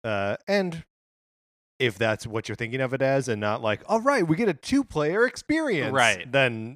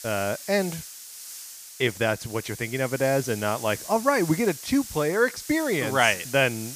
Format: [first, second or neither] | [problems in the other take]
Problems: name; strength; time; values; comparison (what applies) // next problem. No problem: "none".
first | hiss; noticeable; throughout; 10 dB below the speech